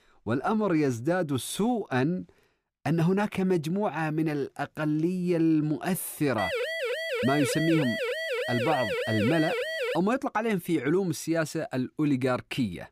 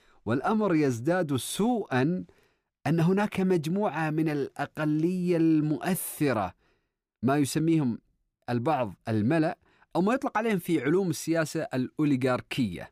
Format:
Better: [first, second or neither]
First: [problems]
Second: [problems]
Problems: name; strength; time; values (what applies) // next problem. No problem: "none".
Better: second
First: siren; noticeable; from 6.5 to 10 s; peak 2 dB below the speech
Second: none